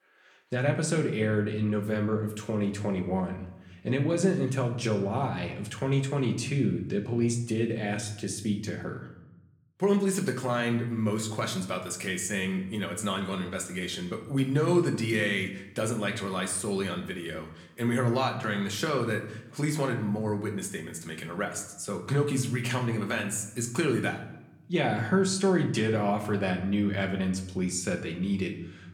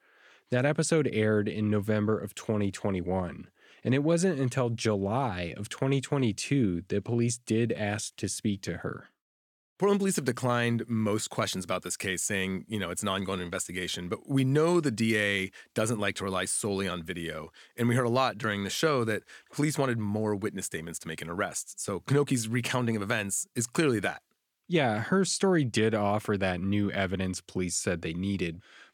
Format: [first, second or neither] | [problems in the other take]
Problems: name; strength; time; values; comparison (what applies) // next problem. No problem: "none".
second | room echo; slight; dies away in 0.7 s // off-mic speech; somewhat distant